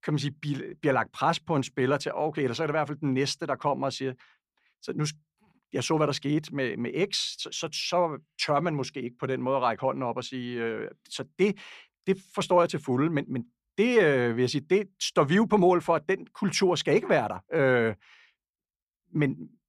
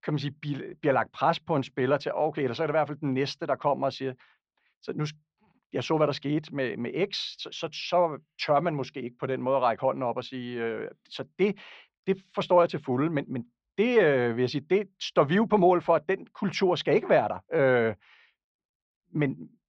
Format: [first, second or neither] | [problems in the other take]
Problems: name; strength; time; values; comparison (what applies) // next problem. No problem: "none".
first | muffled; very slightly; fading above 4.5 kHz